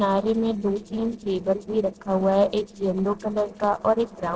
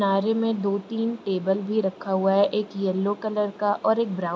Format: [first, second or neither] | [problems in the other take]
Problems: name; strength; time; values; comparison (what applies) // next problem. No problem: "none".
second | noise reduction (neural separator model SepFormer DNS4)